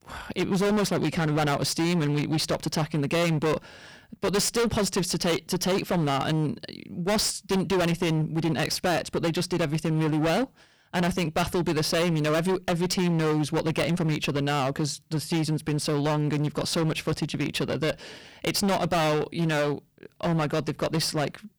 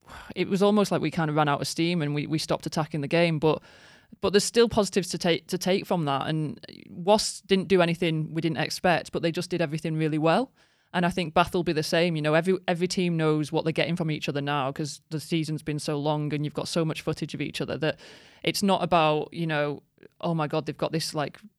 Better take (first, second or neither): second